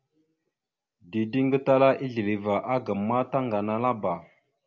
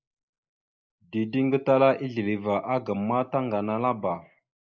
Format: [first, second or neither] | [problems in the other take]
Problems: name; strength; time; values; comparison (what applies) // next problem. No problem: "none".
first | noise reduction (neural mask model Resemble Enhance denoiser)